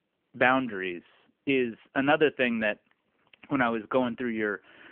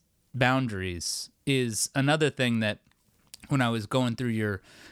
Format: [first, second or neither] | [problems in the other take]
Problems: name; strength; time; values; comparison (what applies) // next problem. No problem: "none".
second | phone-call audio; nothing above 3 kHz